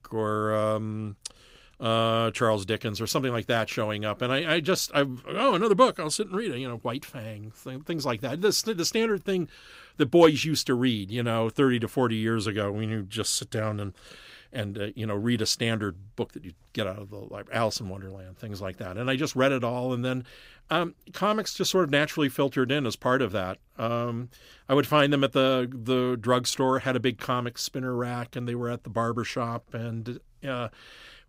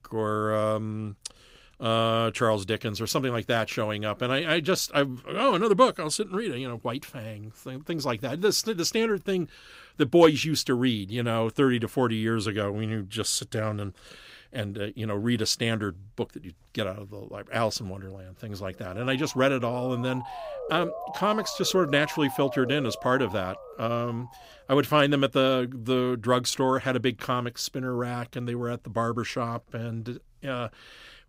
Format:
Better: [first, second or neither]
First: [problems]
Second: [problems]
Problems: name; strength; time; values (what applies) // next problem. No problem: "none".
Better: first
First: none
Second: siren; noticeable; from 19 to 24 s; peak 8 dB below the speech